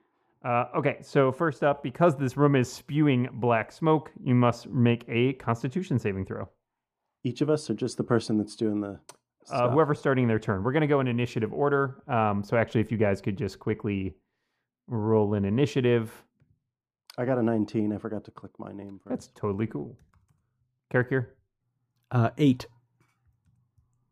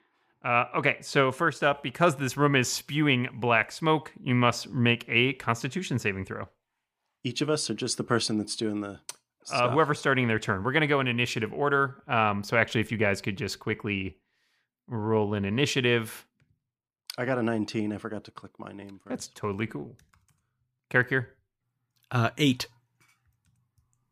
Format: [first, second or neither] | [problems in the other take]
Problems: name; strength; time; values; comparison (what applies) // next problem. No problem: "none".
second | muffled; slightly; fading above 1.5 kHz